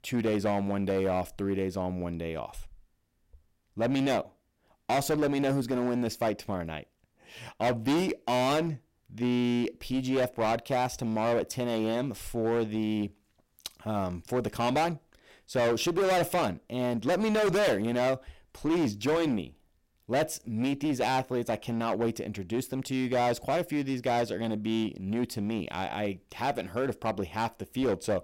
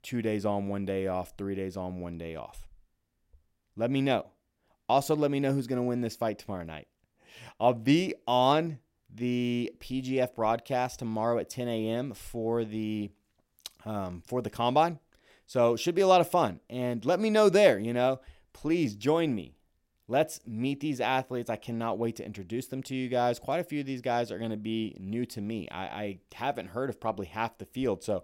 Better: second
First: distortion; heavy; 13% of the sound clipped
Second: none

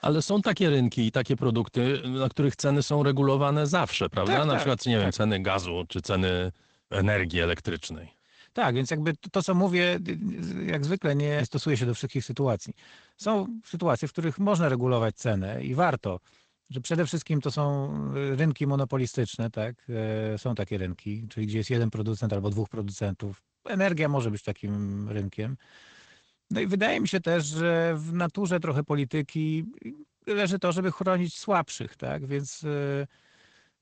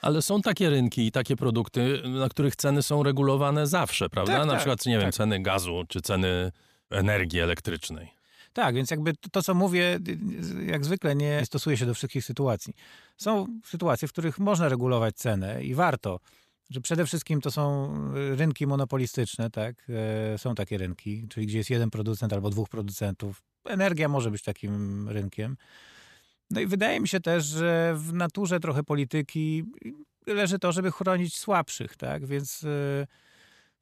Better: second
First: garbled, watery; slightly; nothing above 8 kHz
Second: none

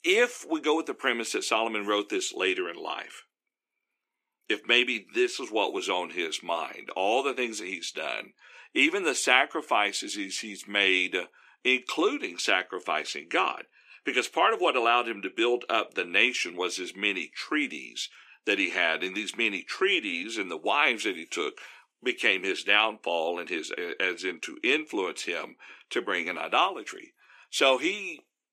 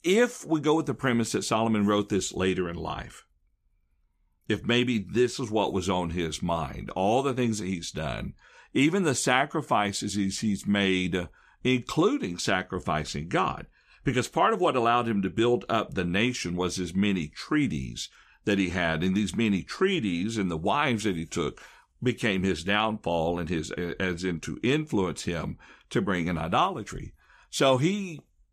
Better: second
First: thin; somewhat; fading below 300 Hz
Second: none

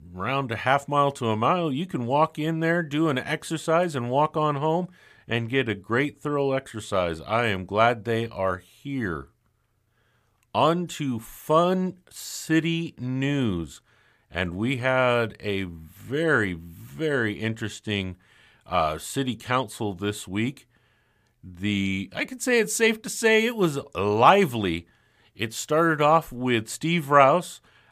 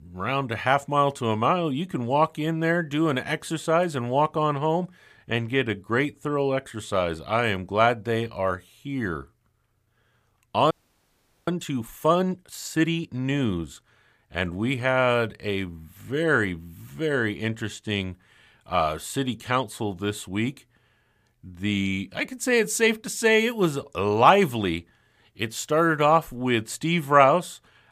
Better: first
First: none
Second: audio freezing; at 11 s for 1 s

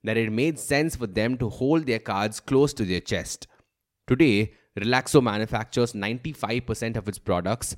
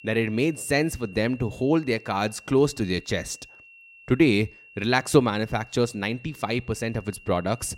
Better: first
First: none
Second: high-pitched whine; faint; throughout; 2.5 kHz, 20 dB below the speech

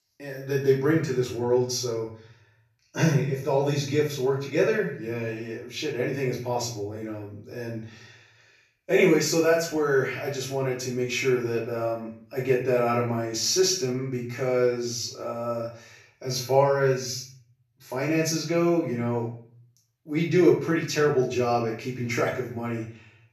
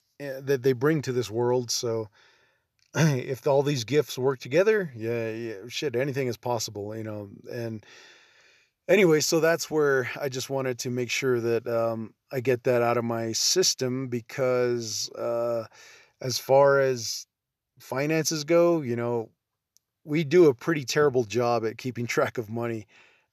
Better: second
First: off-mic speech; far // room echo; noticeable; dies away in 0.5 s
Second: none

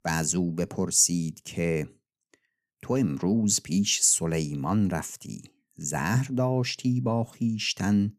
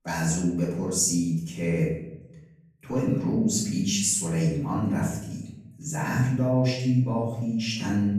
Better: first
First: none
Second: off-mic speech; far // room echo; noticeable; dies away in 0.9 s

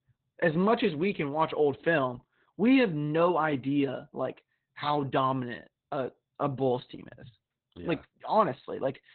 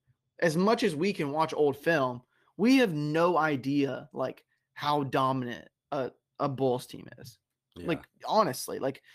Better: second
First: garbled, watery; badly; nothing above 4 kHz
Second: garbled, watery; slightly; nothing above 14.5 kHz

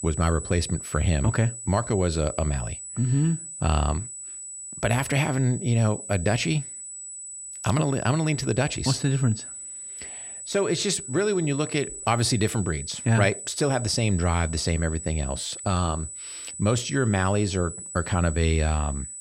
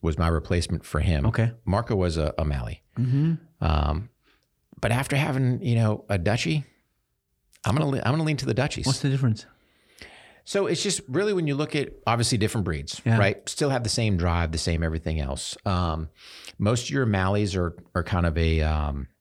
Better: second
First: high-pitched whine; loud; throughout; 8 kHz, 10 dB below the speech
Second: none

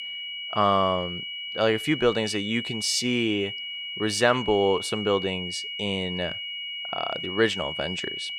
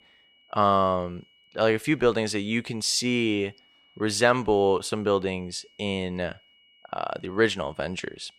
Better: second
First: high-pitched whine; loud; throughout; 3 kHz, 6 dB below the speech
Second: high-pitched whine; faint; throughout; 3 kHz, 30 dB below the speech

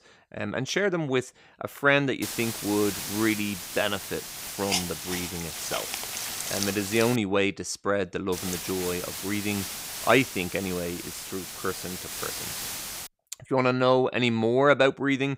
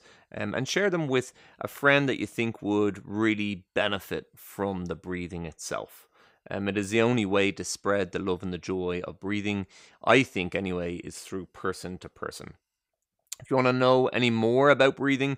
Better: second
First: hiss; loud; from 2 to 7 s and from 8.5 to 13 s; 6 dB below the speech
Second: none

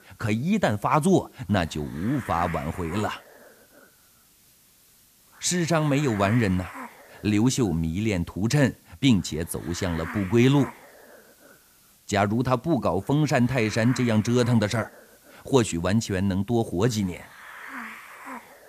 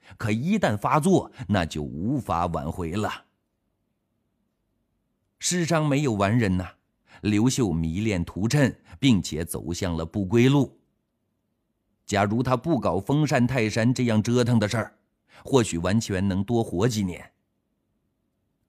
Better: second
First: hiss; noticeable; throughout; 15 dB below the speech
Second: none

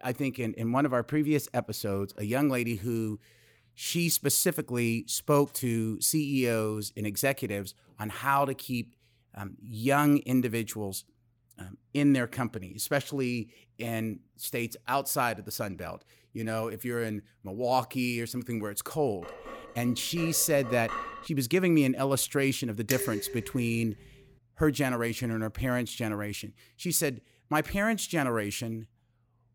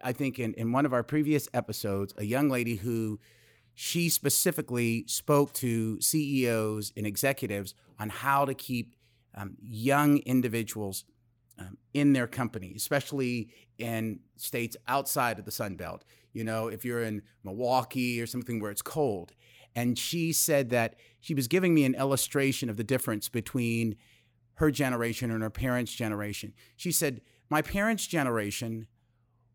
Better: second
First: clattering dishes; noticeable; from 19 to 21 s and at 23 s; peak 4 dB below the speech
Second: none

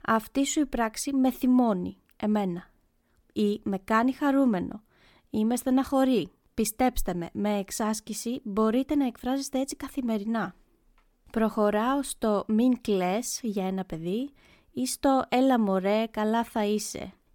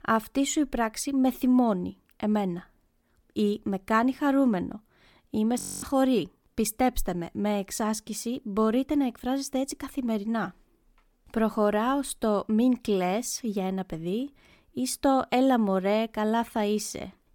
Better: first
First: none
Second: audio freezing; at 5.5 s

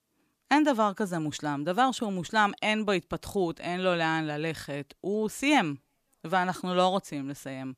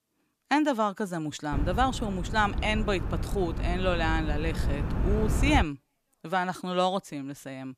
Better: first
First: none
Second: wind noise on the microphone; occasional gusts; from 1.5 to 5.5 s; 10 dB below the speech

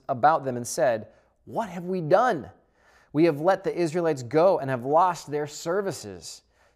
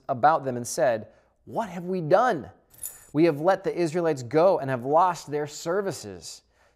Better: first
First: none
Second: jangling keys; faint; at 2.5 s; peak 15 dB below the speech

